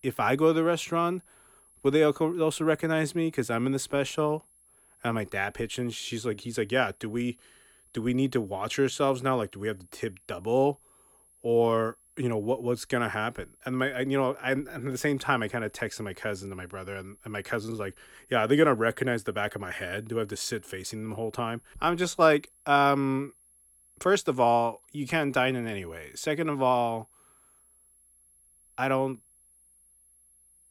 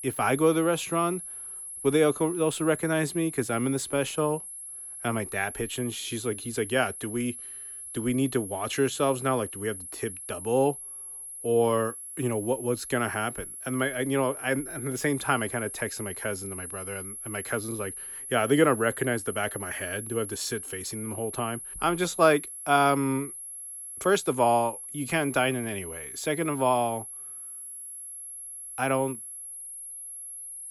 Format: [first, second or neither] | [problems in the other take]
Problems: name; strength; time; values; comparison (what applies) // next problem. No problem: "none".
first | high-pitched whine; loud; throughout; 11 kHz, 9 dB below the speech; faint in the first